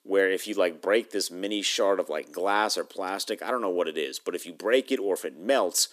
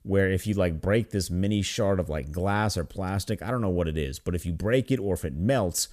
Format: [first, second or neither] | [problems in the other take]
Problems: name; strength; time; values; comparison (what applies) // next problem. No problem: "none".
second | thin; somewhat; fading below 300 Hz